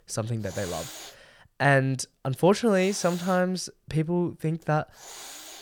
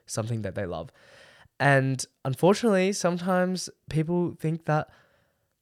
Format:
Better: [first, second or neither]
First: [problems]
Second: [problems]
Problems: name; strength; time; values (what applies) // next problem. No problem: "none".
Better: second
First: hiss; noticeable; throughout; 15 dB below the speech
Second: none